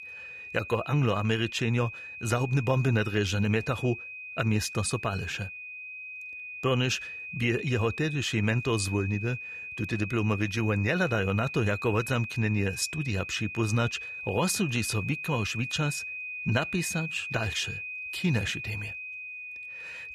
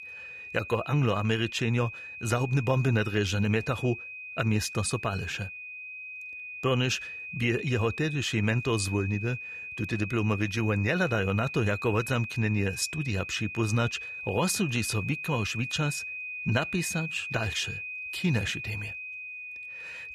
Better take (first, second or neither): neither